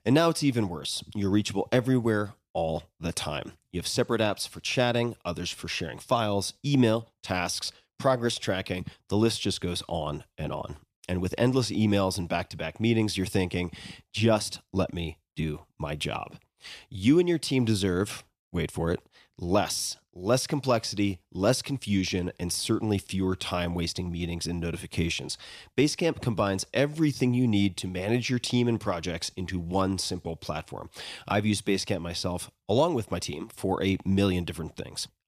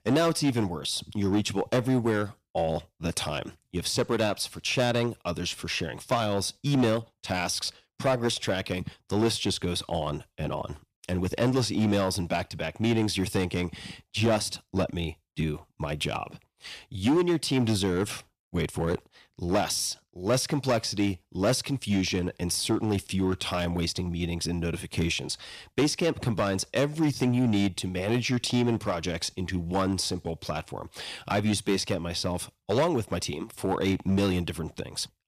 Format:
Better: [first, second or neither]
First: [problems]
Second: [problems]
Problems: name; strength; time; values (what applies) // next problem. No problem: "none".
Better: first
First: none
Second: distortion; slight; 5% of the sound clipped